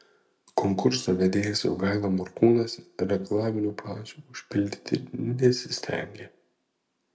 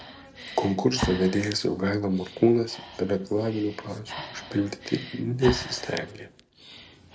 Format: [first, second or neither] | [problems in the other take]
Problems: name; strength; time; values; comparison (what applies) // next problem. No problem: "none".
first | background sound (Breathing); 11 dB below the speech